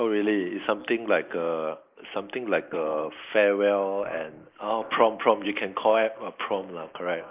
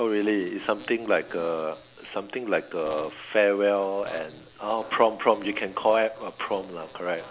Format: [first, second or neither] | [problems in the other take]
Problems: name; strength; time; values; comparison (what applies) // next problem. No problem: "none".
second | noise reduction (neural mask model Resemble Enhance denoiser)